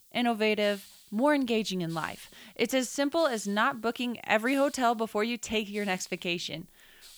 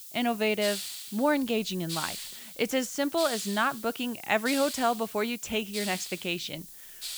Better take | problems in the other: first | hiss; loud; throughout; 8 dB below the speech; faint in the first

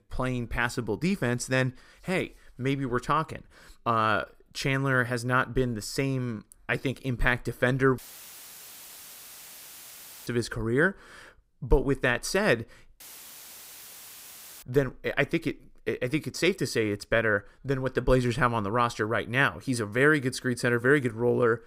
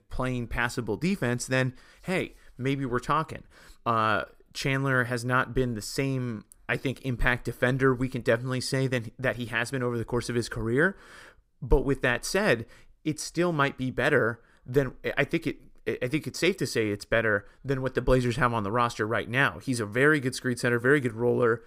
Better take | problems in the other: second | audio cutting out; filled with static; at 8 s for 2.5 s and at 13 s for 1.5 s

